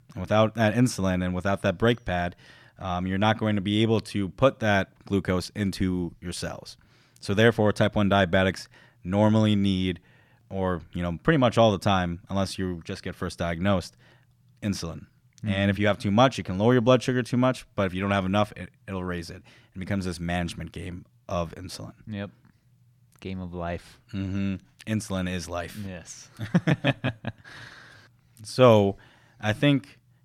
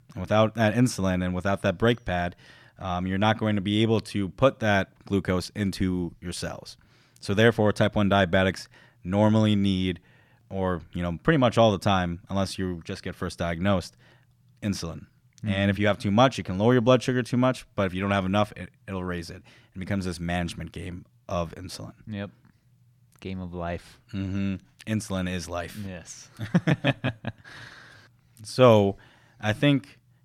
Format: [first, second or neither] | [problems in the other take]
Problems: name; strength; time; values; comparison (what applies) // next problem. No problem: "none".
neither | none